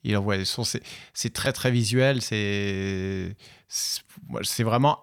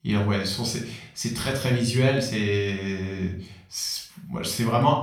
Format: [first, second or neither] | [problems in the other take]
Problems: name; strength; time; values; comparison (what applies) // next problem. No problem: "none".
first | off-mic speech; somewhat distant // room echo; noticeable; dies away in 0.4 s